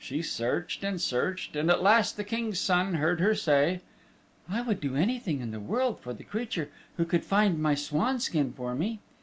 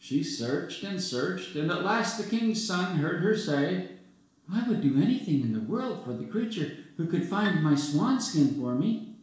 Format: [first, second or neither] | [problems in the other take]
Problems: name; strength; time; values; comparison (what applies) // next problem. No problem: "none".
first | noise reduction (neural separator model SepFormer DNS4)